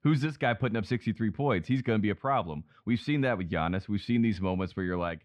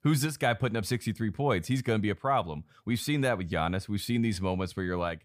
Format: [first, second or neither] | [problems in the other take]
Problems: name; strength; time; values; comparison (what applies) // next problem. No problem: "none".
second | muffled; slightly; fading above 3 kHz